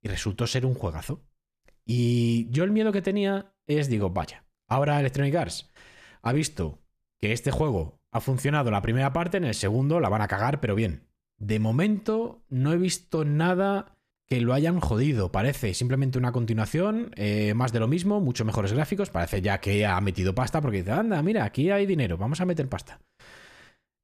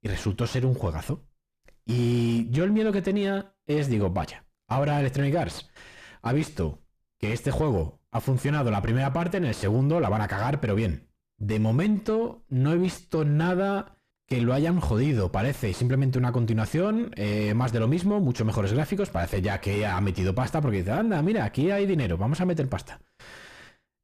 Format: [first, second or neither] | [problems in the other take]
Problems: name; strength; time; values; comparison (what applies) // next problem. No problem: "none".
first | distortion; slight; 10 dB below the speech